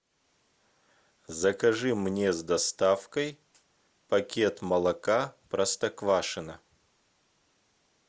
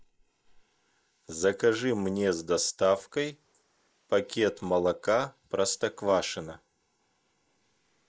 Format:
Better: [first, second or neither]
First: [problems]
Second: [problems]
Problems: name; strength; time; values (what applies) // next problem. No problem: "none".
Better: first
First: none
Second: noise reduction (neural mask model Resemble Enhance denoiser)